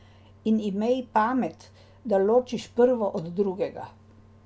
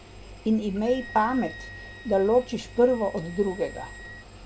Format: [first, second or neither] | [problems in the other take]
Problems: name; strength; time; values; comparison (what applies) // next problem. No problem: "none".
first | background sound (Wind instrument, woodwind instrument + Engine); 16 dB below the speech